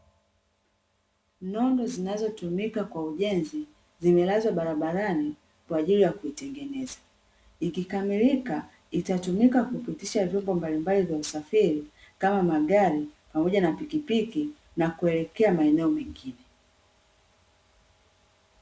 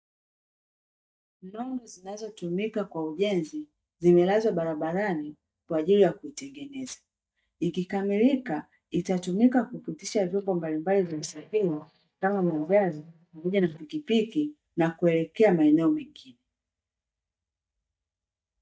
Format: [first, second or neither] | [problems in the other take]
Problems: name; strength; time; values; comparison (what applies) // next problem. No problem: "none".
first | noise reduction (neural mask model DeepFilterNet 3)